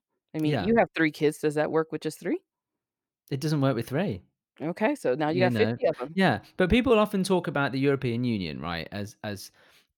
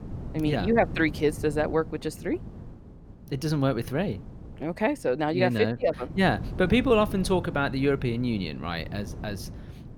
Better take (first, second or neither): first